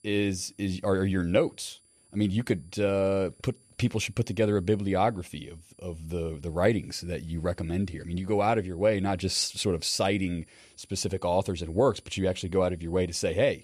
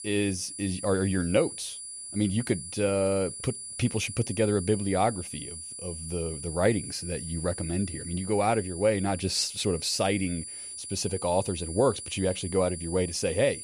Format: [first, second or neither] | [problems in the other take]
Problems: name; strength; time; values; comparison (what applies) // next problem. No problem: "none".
first | high-pitched whine; loud; throughout; 9.5 kHz, 9 dB below the speech; faint in the first